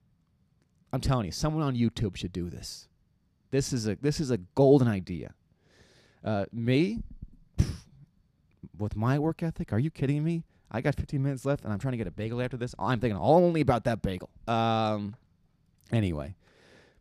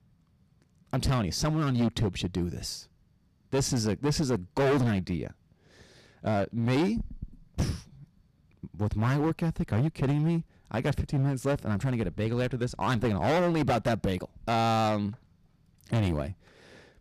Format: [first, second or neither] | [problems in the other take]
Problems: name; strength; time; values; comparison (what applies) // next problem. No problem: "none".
first | distortion; heavy; 11% of the sound clipped